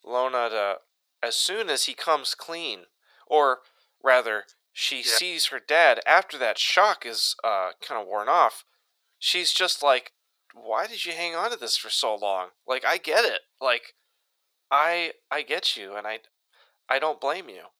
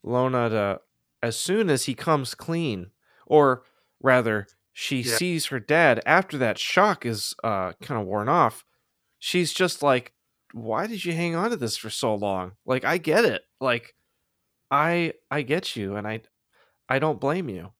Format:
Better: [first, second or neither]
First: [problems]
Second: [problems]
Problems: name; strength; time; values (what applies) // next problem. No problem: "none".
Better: second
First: thin; very; fading below 550 Hz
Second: none